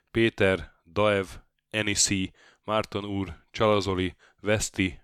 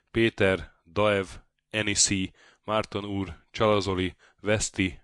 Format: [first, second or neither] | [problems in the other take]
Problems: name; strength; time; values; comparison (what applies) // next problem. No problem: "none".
first | garbled, watery; slightly